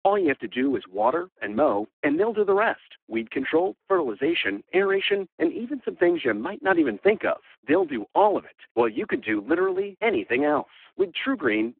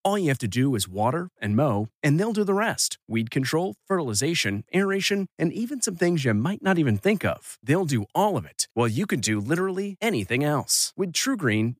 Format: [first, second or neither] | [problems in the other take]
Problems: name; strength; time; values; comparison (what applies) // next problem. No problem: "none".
second | phone-call audio; poor line